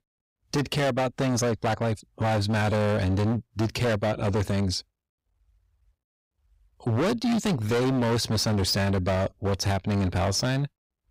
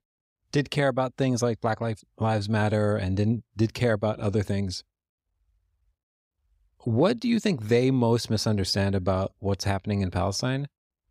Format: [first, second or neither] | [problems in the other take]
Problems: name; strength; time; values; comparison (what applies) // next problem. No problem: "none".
second | distortion; heavy; 23% of the sound clipped